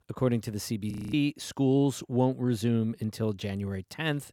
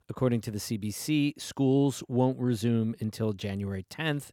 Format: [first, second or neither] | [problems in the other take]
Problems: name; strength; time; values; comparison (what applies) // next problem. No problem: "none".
second | audio freezing; at 1 s